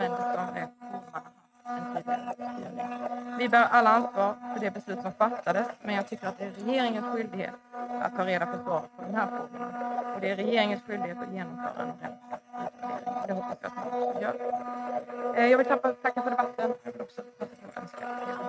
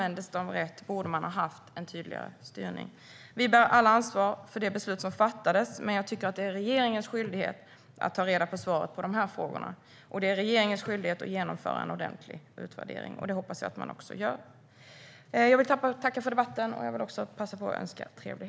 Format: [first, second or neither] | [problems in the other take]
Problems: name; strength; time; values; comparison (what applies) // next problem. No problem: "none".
second | noise reduction (neural mask model RNNoise)